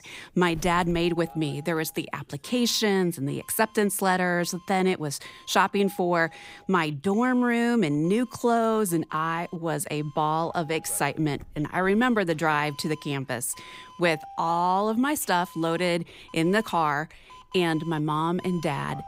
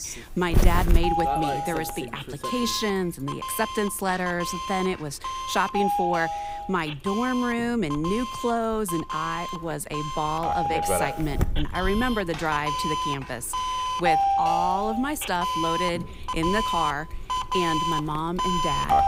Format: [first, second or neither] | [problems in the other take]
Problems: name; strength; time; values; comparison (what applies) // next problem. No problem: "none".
first | alarms or sirens; loud; throughout; 1 dB below the speech; faint in the first